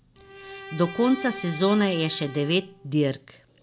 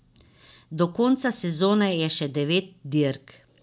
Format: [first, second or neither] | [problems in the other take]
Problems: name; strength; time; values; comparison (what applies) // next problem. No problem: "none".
second | background sound (Bowed string instrument); 14 dB below the speech